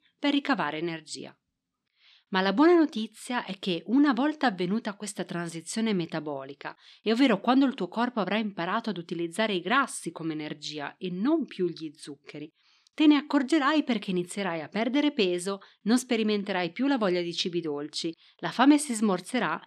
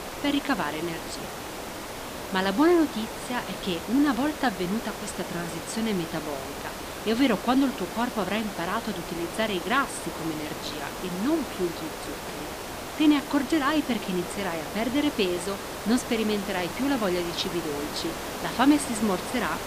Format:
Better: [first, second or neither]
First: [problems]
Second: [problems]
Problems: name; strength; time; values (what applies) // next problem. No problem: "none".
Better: first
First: none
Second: hiss; loud; throughout; 7 dB below the speech